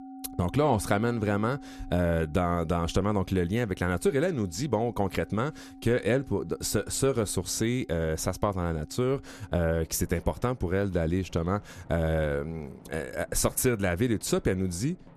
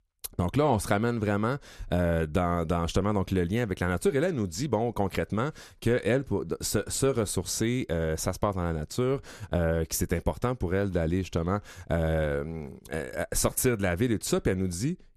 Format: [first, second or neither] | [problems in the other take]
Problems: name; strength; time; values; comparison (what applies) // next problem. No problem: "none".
second | background music; faint; throughout; 20 dB below the speech